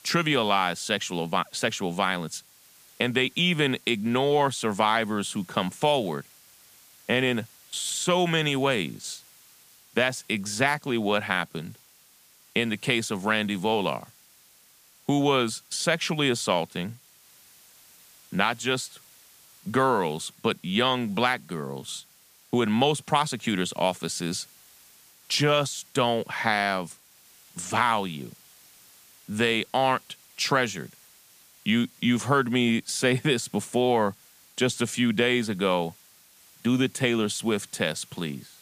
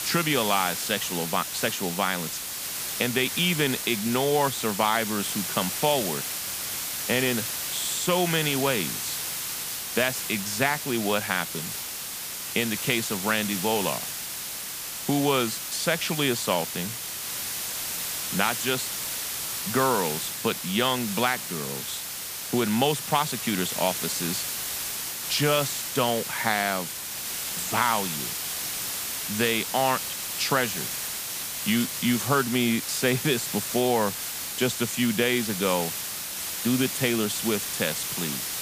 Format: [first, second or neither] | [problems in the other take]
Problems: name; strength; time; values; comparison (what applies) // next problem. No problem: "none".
first | hiss; loud; throughout; 3 dB below the speech; faint in the first